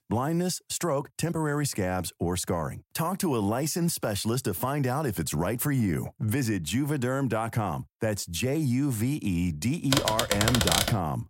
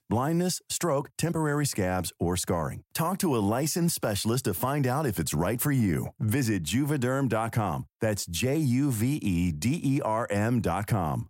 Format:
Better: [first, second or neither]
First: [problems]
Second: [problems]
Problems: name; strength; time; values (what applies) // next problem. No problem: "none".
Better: second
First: keyboard typing; loud; from 10 s on; peak 5 dB above the speech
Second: none